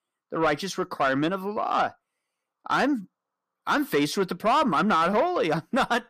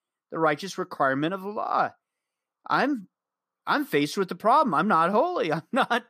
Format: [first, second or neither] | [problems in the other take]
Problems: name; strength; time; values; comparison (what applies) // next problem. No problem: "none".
second | distortion; slight; 10 dB below the speech